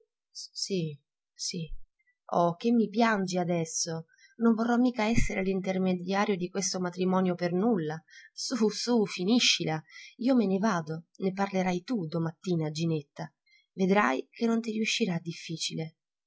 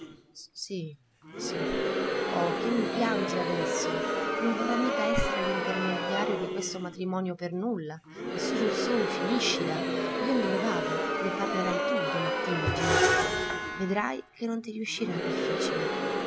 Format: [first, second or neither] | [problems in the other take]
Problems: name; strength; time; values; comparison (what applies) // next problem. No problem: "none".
first | background sound (Screech + Crowd); 3 dB above the speech